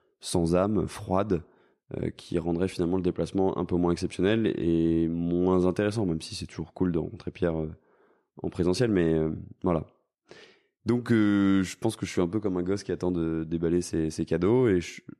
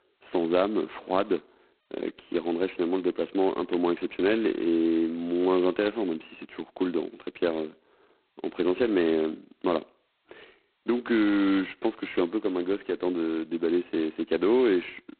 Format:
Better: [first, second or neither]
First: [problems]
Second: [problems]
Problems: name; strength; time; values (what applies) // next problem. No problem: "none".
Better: first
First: none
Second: phone-call audio; poor line; nothing above 4 kHz